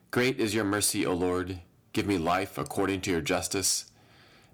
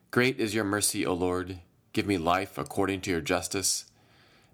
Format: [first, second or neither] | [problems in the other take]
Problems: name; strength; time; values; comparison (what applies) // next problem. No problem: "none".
second | distortion; slight; 10 dB below the speech